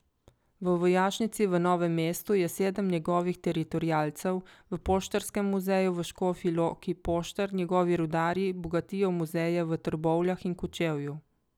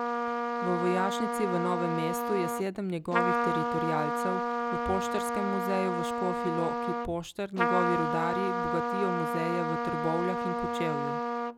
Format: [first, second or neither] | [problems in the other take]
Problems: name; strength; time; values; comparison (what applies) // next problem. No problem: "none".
first | background sound (Trumpet); 2 dB above the speech